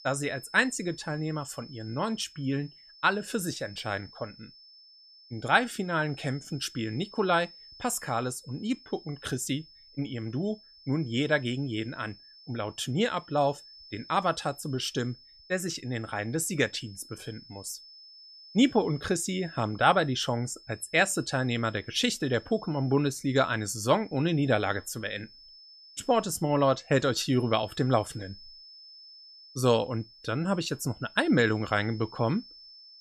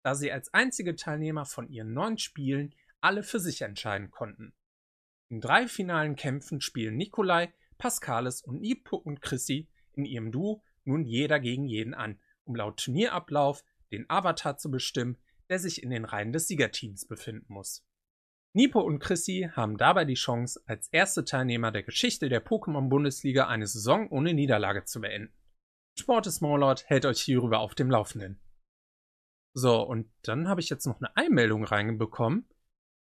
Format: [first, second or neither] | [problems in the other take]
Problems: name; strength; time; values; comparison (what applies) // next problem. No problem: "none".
second | high-pitched whine; faint; throughout; 5.5 kHz, 20 dB below the speech